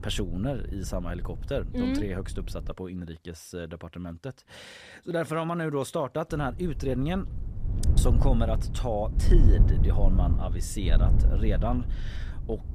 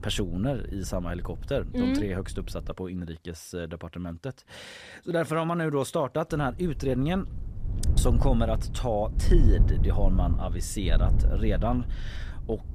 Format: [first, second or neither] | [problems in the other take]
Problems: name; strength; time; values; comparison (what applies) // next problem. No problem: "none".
second | wind noise on the microphone; heavy; until 2.5 s and from 6.5 s on; 10 dB below the speech; occasional gusts in the second